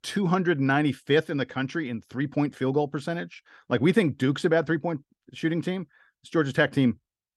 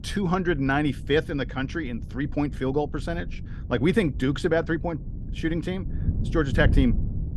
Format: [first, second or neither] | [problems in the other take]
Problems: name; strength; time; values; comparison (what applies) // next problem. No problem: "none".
first | wind noise on the microphone; occasional gusts; 15 dB below the speech